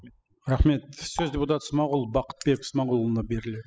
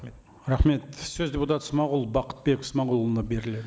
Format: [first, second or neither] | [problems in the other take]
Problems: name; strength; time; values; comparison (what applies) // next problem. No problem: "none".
second | noise reduction (classical method spectral subtraction)